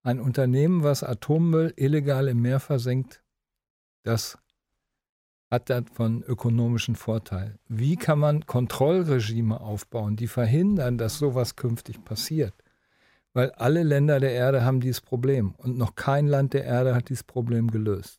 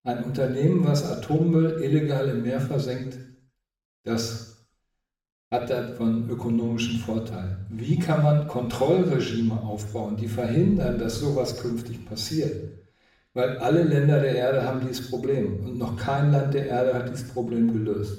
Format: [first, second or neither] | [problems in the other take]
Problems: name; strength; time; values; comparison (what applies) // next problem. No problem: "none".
first | room echo; noticeable; dies away in 0.7 s // off-mic speech; far